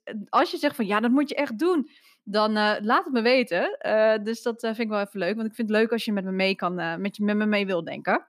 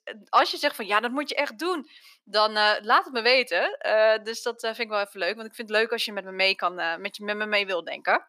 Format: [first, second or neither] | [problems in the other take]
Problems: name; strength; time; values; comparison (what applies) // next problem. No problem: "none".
first | thin; somewhat; fading below 550 Hz